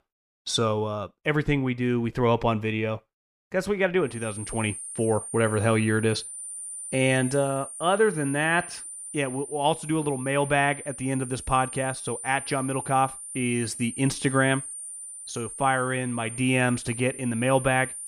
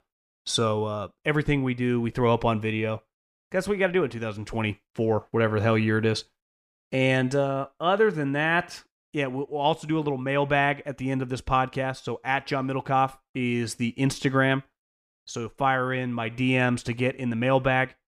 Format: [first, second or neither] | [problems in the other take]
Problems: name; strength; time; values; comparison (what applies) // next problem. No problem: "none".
second | high-pitched whine; loud; from 4 s on; 9 kHz, 10 dB below the speech